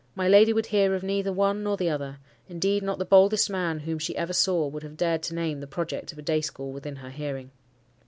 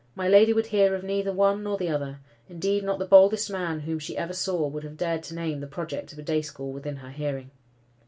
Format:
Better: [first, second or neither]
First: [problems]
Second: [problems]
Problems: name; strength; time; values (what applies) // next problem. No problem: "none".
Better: first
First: none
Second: room echo; dies away in 0.2 s